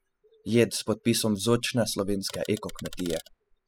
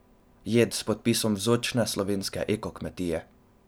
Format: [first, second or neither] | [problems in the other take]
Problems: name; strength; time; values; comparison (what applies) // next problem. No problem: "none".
second | noise reduction (classical method spectral subtraction)